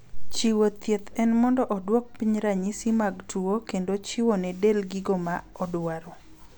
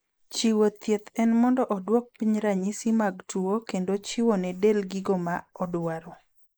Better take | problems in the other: first | noise reduction (neural mask model Resemble Enhance denoiser)

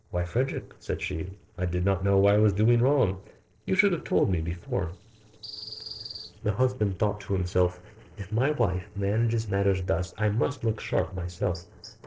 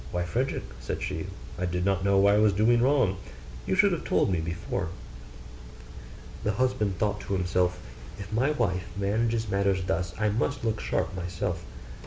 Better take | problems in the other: second | noise reduction (neural separator model SepFormer DNS4)

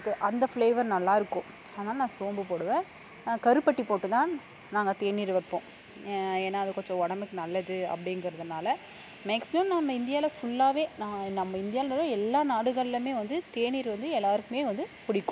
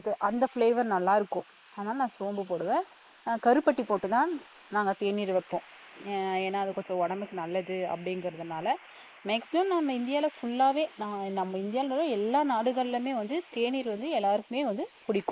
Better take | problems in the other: first | noise reduction (neural mask model Resemble Enhance denoiser)

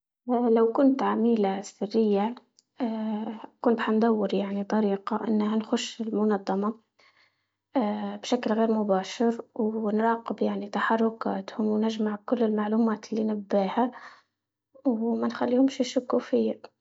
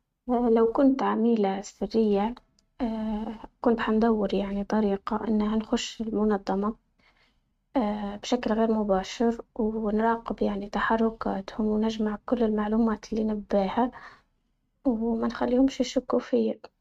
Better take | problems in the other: first | noise reduction (neural mask model RNNoise)

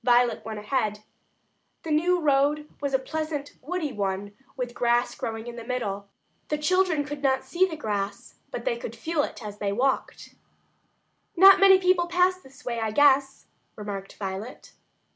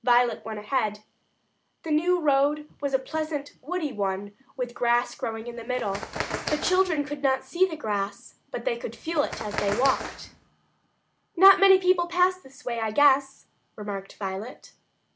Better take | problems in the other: first | background sound (Bird); 9 dB below the speech

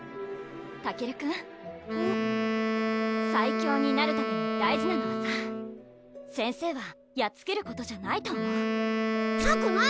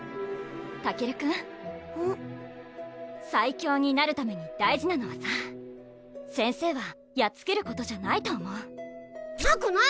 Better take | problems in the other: second | background sound (Wind instrument, woodwind instrument); 1 dB above the speech

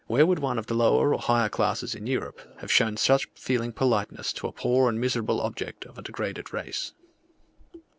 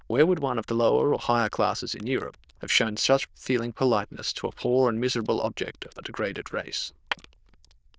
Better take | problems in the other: first | noise reduction (neural diffusion model UNIVERSE++)

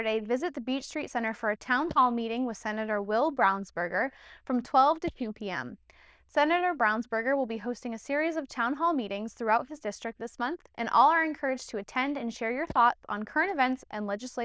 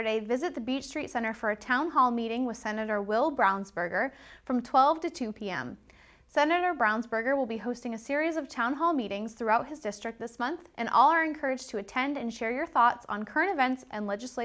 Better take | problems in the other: second | noise reduction (neural diffusion model UNIVERSE++)

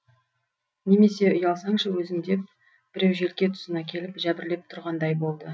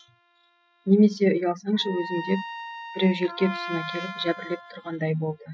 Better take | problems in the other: first | noise reduction (classical method spectral subtraction)

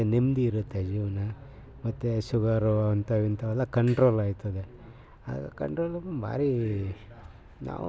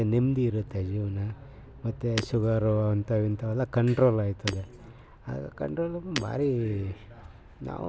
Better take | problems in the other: first | background sound (Shatter); 14 dB below the speech

